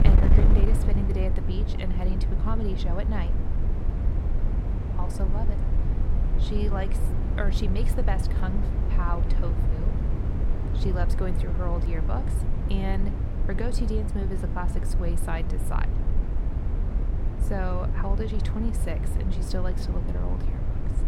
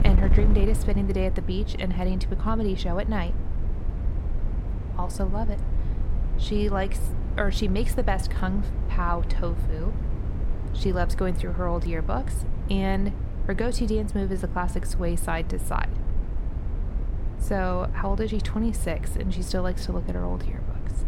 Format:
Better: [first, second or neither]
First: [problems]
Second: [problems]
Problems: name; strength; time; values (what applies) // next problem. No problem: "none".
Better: second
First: wind noise on the microphone; heavy; 4 dB below the speech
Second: wind noise on the microphone; occasional gusts; 10 dB below the speech